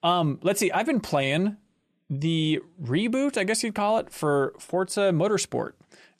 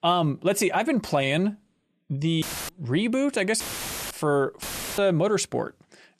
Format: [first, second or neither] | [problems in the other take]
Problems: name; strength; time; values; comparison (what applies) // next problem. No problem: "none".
first | audio cutting out; filled with static; at 2.5 s, at 3.5 s for 0.5 s and at 4.5 s